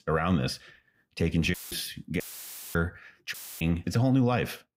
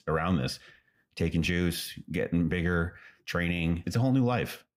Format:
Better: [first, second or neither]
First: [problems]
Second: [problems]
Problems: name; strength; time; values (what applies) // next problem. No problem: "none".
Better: second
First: audio cutting out; filled with static; at 1.5 s, at 2 s for 0.5 s and at 3.5 s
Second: none